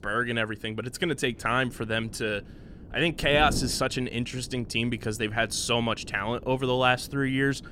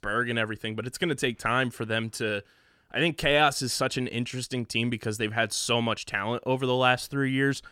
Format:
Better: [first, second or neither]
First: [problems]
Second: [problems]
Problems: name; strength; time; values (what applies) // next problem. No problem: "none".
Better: second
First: wind noise on the microphone; occasional gusts; 20 dB below the speech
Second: none